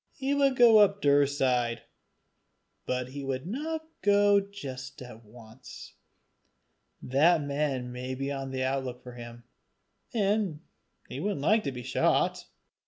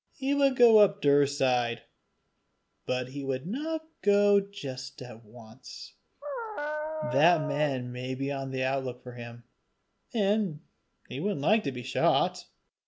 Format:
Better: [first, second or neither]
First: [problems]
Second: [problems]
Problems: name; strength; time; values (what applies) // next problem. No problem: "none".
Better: first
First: none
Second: background sound (Dog); 5 dB below the speech